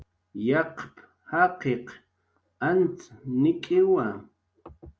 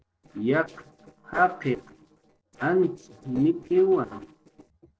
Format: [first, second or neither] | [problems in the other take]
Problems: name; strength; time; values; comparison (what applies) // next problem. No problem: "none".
first | noise reduction (neural separator model SepFormer DNS4)